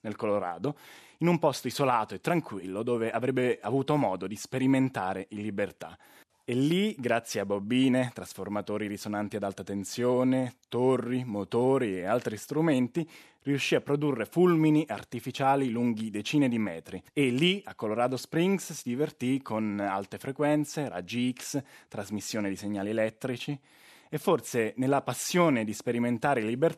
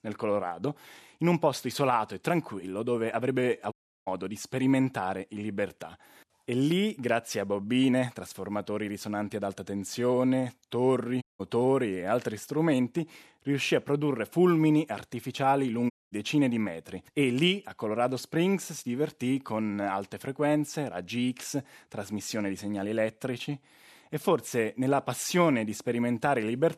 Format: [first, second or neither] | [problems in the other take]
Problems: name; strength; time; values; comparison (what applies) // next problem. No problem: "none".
first | audio cutting out; at 3.5 s, at 11 s and at 16 s